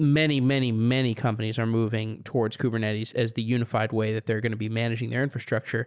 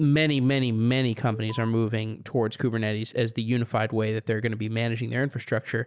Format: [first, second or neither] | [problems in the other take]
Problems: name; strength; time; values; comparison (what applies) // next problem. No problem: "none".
first | background sound (Alarm); 15 dB below the speech